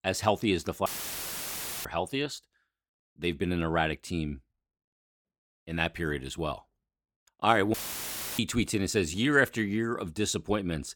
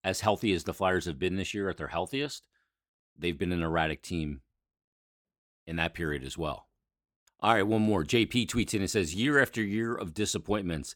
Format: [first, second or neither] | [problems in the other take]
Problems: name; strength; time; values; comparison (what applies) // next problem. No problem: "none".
second | audio cutting out; filled with static; at 1 s for 1 s and at 7.5 s for 0.5 s